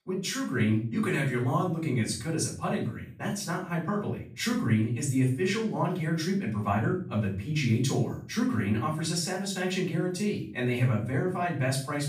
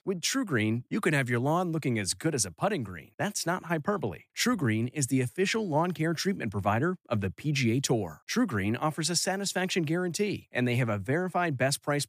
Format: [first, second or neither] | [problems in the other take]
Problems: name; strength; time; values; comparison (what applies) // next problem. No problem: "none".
second | off-mic speech; far // room echo; noticeable; dies away in 0.5 s